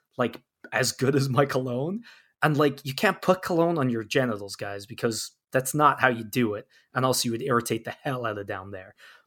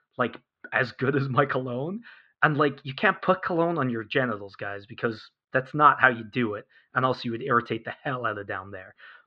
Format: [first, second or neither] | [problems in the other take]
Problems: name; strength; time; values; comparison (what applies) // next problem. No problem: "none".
first | muffled; very; fading above 3.5 kHz